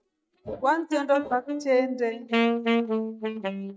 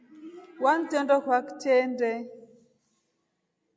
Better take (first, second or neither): second